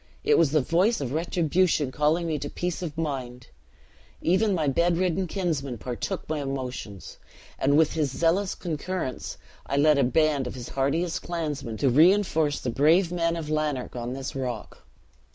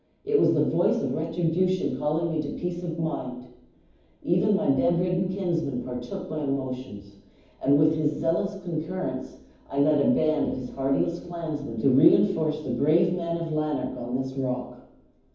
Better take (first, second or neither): first